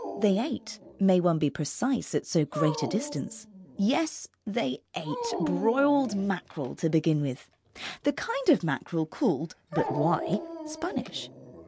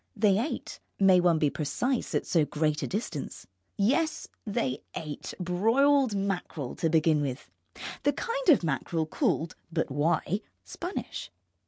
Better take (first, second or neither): second